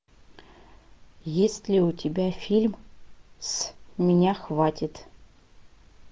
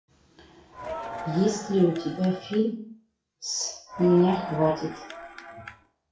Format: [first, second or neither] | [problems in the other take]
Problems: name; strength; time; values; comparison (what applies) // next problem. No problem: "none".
first | noise reduction (classical method WPE with log-MMSE)